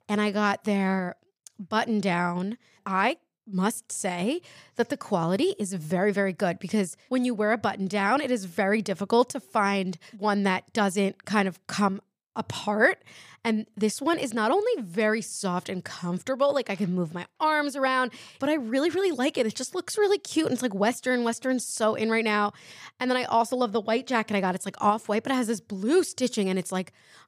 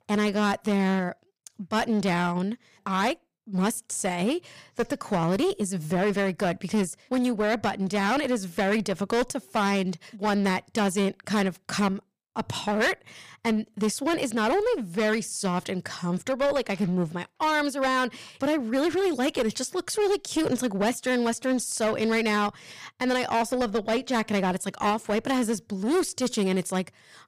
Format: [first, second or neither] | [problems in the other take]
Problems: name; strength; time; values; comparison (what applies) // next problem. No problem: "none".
first | distortion; slight; 12% of the sound clipped